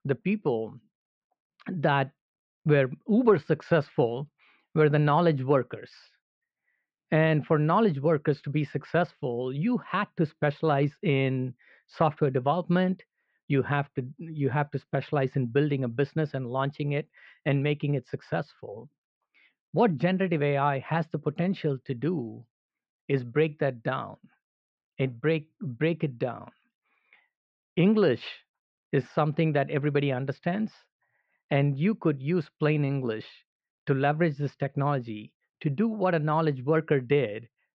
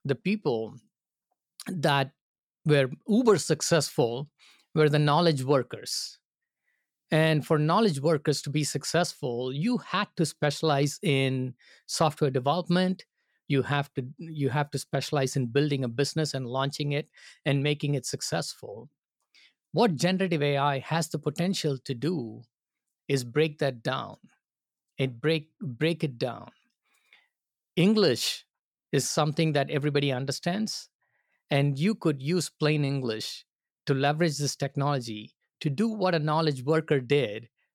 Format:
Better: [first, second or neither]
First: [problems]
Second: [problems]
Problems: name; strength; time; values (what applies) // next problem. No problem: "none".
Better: second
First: muffled; very; fading above 2.5 kHz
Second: none